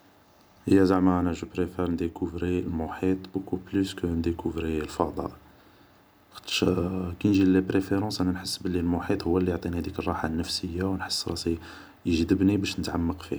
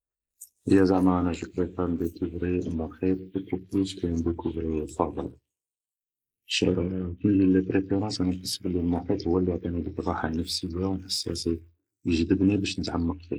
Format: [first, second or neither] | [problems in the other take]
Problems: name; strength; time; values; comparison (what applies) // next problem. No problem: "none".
first | noise reduction (neural mask model Resemble Enhance denoiser)